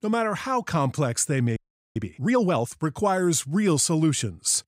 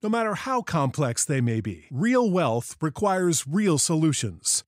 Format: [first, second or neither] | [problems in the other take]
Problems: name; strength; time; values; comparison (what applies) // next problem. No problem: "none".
second | audio freezing; at 1.5 s